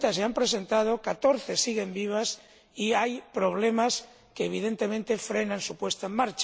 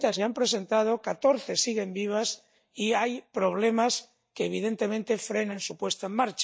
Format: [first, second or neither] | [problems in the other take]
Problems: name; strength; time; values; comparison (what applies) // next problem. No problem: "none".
first | noise reduction (neural mask model DeepFilterNet 3)